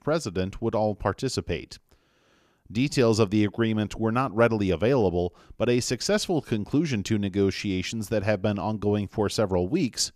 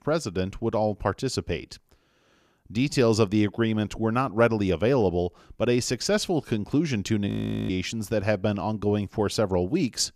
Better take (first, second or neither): first